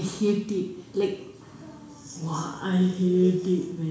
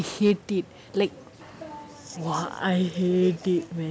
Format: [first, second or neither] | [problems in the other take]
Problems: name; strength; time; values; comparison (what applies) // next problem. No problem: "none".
second | room echo; dies away in 0.7 s